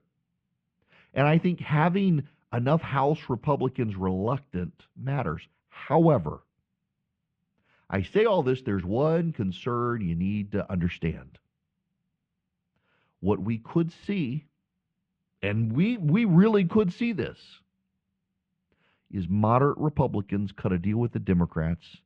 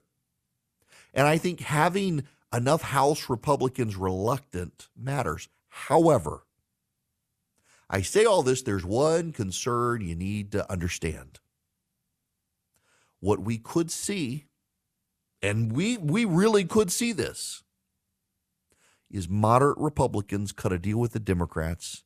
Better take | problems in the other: second | muffled; very; fading above 3 kHz

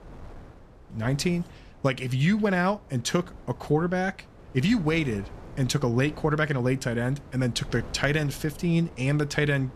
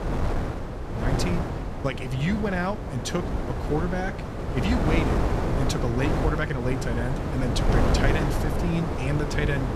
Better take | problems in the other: first | wind noise on the microphone; heavy; as loud as the speech; occasional gusts in the first

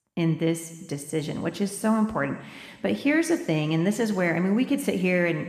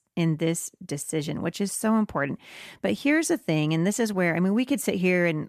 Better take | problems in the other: second | room echo; slight; dies away in 1.2 s

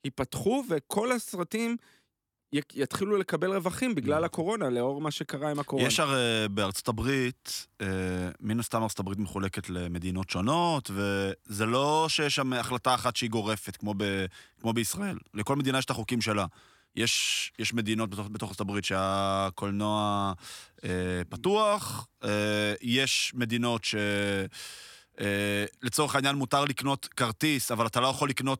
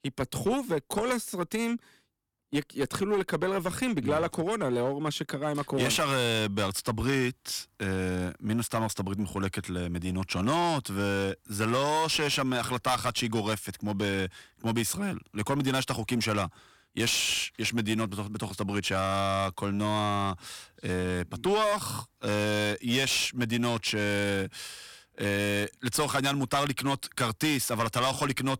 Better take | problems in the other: first | distortion; slight; 7% of the sound clipped

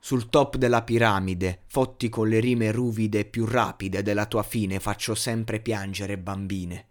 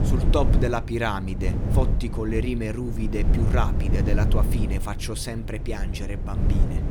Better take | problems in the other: first | wind noise on the microphone; heavy; 7 dB below the speech

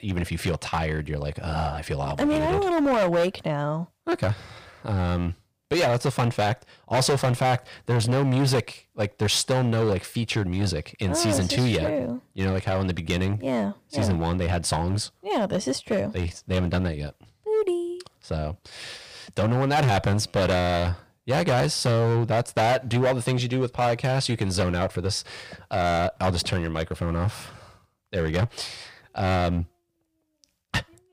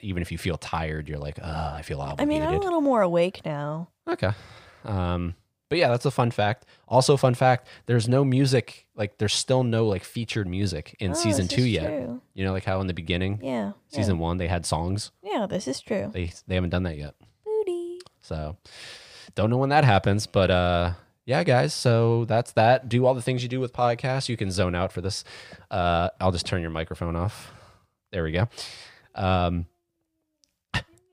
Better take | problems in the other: second | distortion; heavy; 11% of the sound clipped

